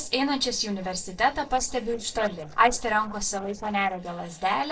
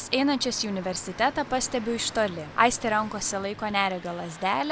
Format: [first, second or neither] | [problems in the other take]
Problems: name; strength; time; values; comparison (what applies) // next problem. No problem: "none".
second | noise reduction (neural separator model SepFormer DNS4)